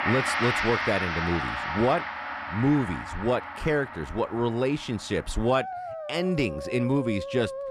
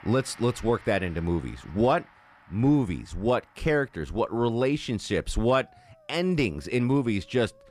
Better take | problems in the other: second | background music; loud; throughout; 4 dB below the speech; faint in the second

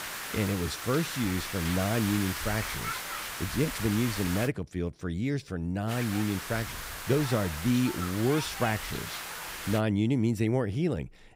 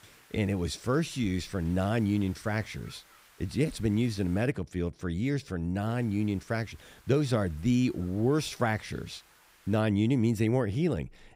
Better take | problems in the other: second | hiss; loud; until 4.5 s and from 6 to 10 s; 6 dB below the speech; faint in the second

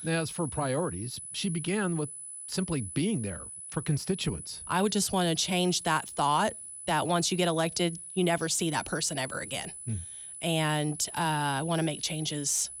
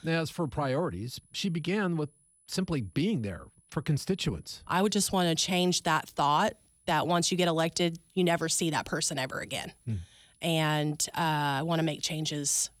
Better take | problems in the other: second | high-pitched whine; loud; throughout; 10 kHz, 10 dB below the speech; faint in the second

